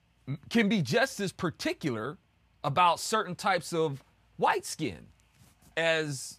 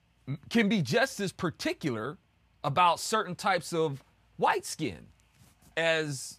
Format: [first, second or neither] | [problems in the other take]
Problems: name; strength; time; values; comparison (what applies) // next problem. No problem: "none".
neither | none